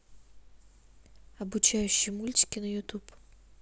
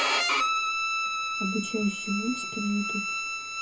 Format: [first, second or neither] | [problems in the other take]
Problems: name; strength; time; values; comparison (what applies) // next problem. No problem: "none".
first | background sound (Bowed string instrument); 4 dB above the speech // room echo; dies away in 0.3 s